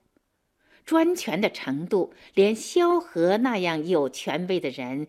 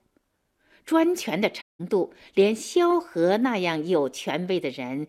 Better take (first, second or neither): first